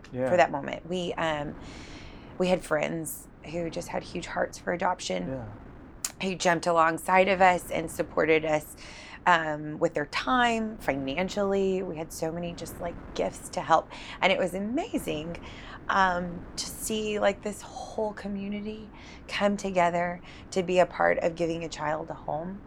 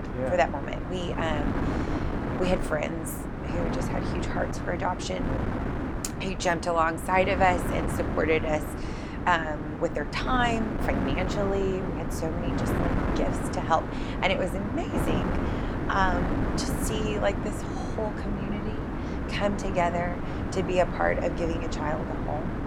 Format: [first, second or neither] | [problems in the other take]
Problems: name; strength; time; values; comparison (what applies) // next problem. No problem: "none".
first | wind noise on the microphone; heavy; 6 dB below the speech; occasional gusts in the first